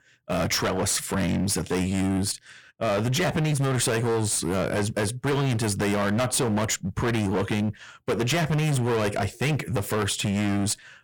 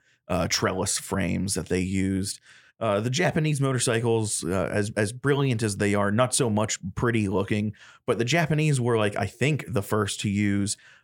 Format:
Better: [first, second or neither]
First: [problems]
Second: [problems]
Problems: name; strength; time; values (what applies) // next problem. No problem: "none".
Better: second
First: distortion; heavy; 28% of the sound clipped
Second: none